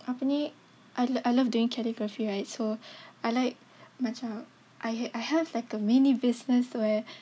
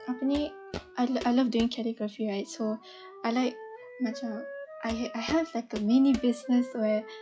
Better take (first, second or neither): first